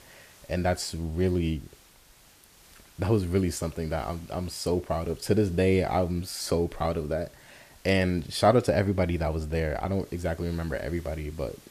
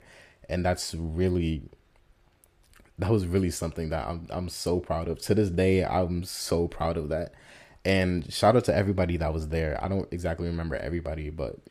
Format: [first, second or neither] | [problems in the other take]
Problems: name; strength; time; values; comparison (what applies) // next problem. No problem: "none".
second | hiss; faint; throughout; 25 dB below the speech